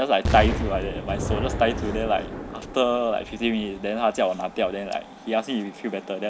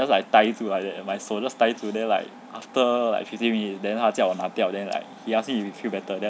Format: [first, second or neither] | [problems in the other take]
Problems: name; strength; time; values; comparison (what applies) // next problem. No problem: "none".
second | background sound (Explosion); 6 dB below the speech